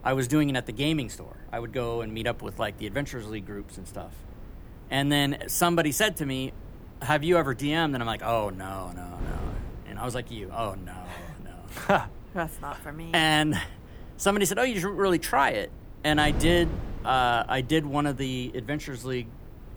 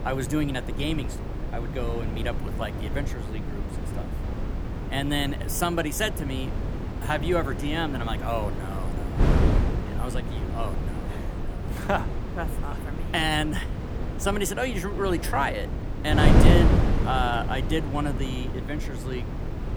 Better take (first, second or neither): first